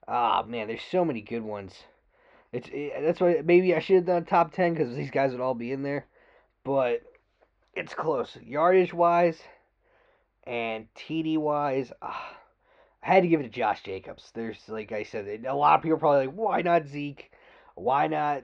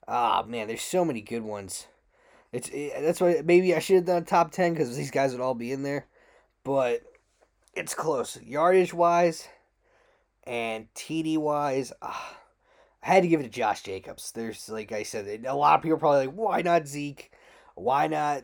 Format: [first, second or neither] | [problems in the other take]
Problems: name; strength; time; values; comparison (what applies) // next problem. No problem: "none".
second | muffled; slightly; fading above 4 kHz